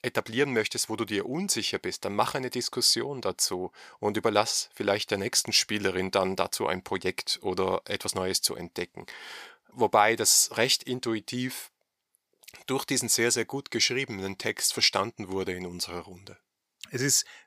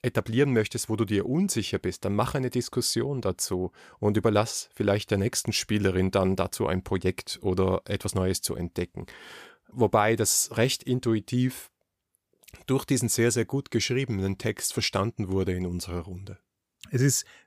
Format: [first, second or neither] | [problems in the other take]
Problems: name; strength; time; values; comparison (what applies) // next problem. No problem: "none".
second | thin; somewhat; fading below 500 Hz